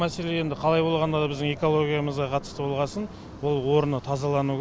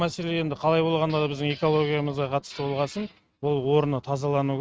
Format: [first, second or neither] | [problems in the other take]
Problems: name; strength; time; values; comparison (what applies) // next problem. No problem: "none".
first | noise reduction (neural mask model RNNoise)